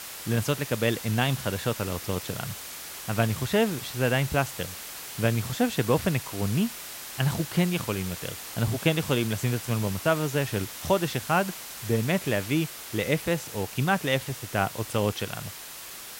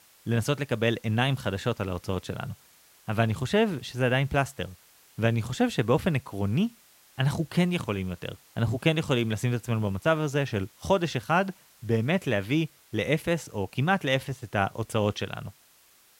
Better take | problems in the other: second | hiss; loud; throughout; 9 dB below the speech; faint in the second

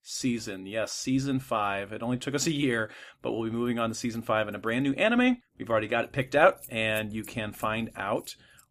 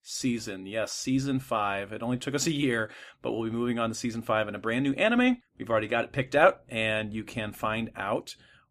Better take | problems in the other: second | household noises; faint; throughout; 25 dB below the speech

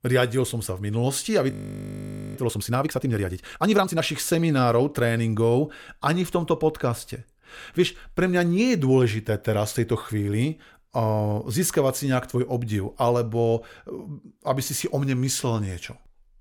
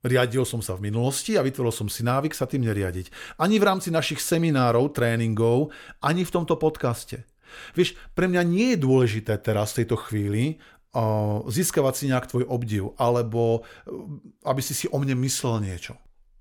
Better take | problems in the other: second | audio freezing; at 1.5 s for 1 s

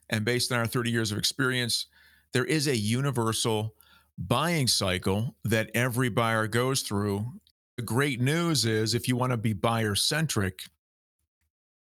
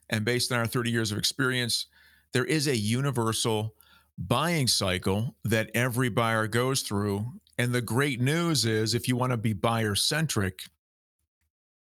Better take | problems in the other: second | audio cutting out; at 7.5 s

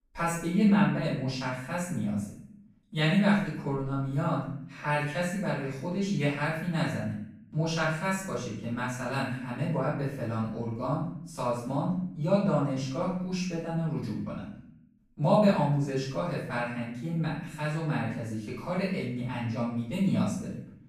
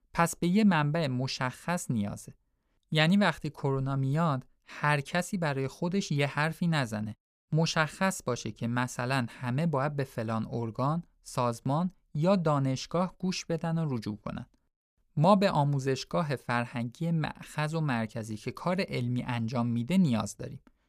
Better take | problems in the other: second | off-mic speech; far // room echo; noticeable; dies away in 0.6 s

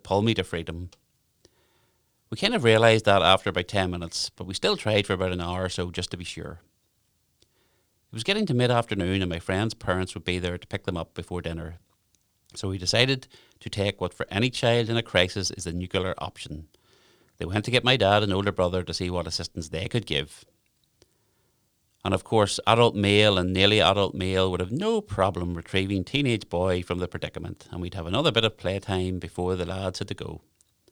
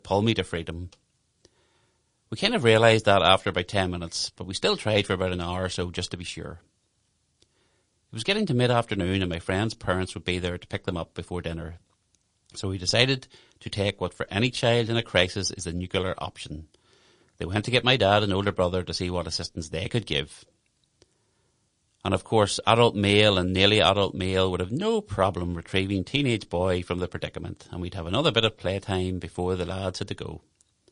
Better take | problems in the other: first | garbled, watery; slightly; nothing above 10 kHz

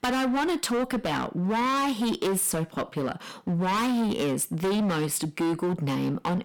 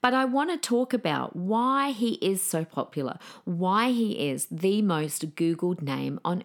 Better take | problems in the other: second | distortion; heavy; 29% of the sound clipped

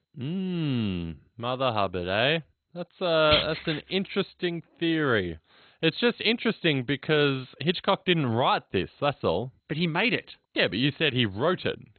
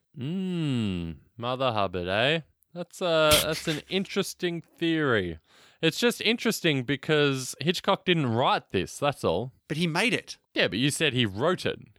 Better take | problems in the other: second | garbled, watery; badly; nothing above 4 kHz

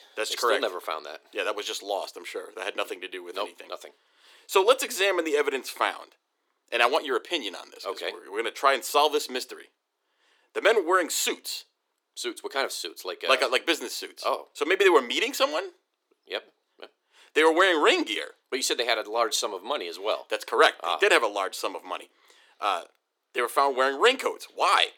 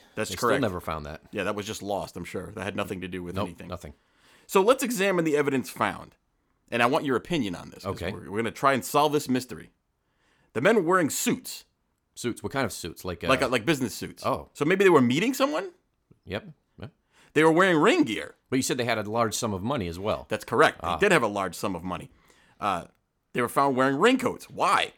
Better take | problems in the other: second | thin; very; fading below 350 Hz

